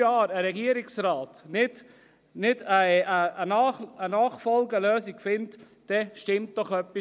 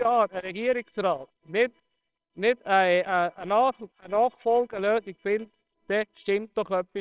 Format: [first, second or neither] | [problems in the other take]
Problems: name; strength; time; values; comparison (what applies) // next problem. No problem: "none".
first | noise reduction (neural separator model SepFormer WHAMR!)